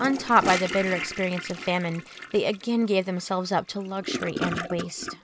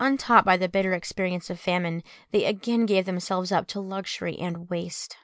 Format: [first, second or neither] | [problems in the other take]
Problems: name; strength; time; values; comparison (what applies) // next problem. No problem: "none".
second | background sound (Toilet flush / Gurgling); 9 dB below the speech